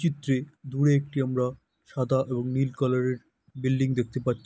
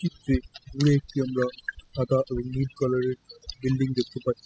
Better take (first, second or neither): first